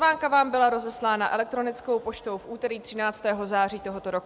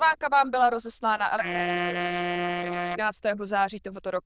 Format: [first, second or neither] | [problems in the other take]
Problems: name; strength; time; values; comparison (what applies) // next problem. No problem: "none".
first | noise reduction (neural diffusion model UNIVERSE++)